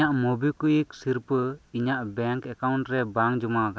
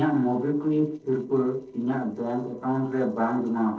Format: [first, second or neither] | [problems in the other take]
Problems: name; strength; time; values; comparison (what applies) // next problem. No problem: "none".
first | noise reduction (neural separator model SepFormer DNS4)